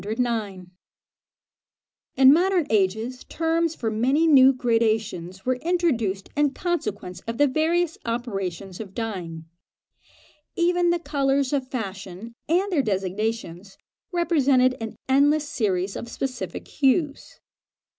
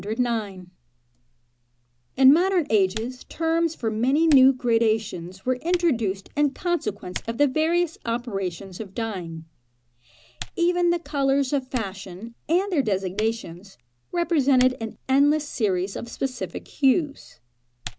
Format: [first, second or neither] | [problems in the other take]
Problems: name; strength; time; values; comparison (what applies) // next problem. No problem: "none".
first | background sound (Typing); 20 dB below the speech